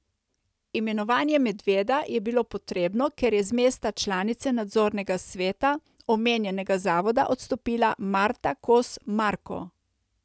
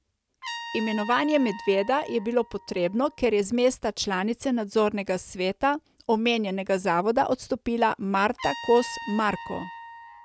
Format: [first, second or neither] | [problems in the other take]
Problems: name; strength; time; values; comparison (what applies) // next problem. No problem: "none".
first | background sound (Trumpet); 16 dB below the speech